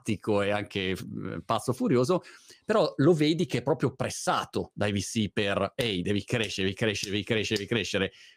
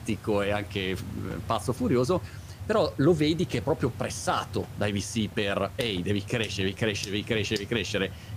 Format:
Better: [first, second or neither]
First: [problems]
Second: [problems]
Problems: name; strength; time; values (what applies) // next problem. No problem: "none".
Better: first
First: none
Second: hiss; noticeable; throughout; 15 dB below the speech